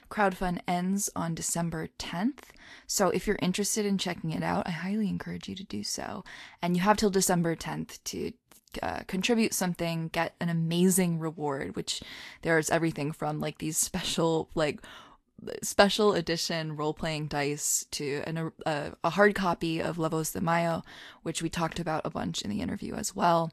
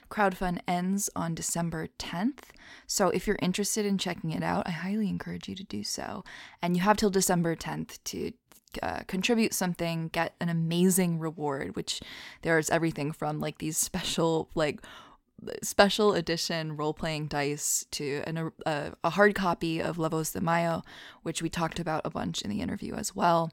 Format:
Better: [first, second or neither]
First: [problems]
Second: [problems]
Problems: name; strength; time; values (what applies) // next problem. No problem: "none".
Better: second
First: garbled, watery; slightly; nothing above 13 kHz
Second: none